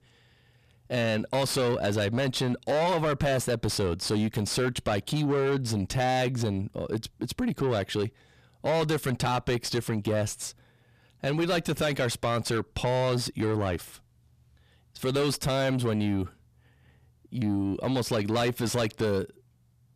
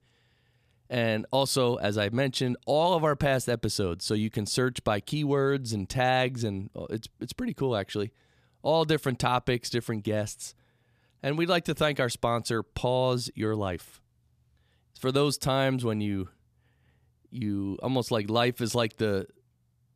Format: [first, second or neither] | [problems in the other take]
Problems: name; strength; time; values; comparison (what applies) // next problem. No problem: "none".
second | distortion; heavy; 7 dB below the speech